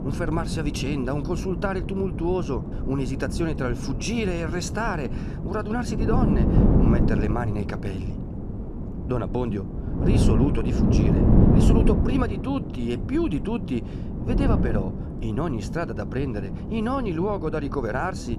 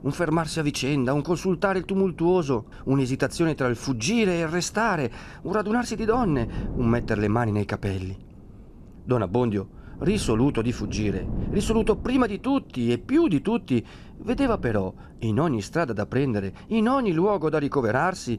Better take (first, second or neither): second